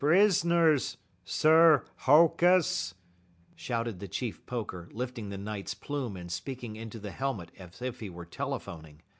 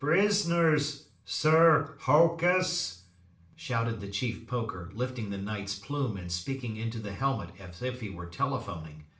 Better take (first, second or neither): first